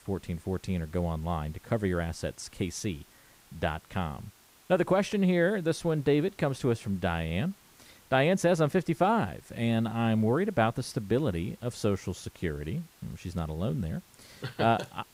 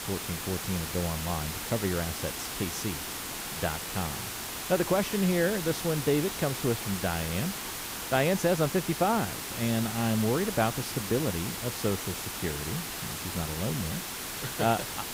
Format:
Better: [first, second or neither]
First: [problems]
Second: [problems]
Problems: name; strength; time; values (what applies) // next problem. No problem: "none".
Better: first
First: hiss; faint; throughout; 25 dB below the speech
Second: hiss; loud; throughout; 4 dB below the speech